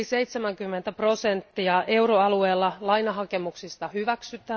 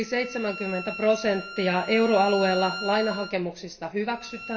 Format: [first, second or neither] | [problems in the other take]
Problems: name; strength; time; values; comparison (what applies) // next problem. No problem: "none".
first | background sound (Bowed string instrument); 12 dB below the speech // room echo; dies away in 0.6 s